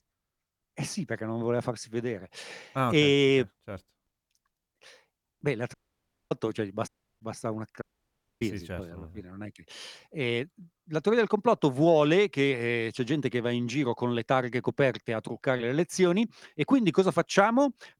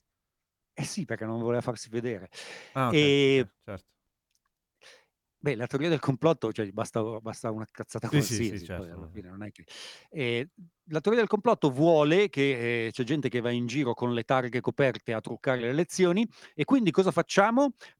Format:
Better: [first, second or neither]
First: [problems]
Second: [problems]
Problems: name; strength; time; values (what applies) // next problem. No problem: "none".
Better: second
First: audio cutting out; at 5.5 s for 0.5 s, at 7 s and at 8 s for 0.5 s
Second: none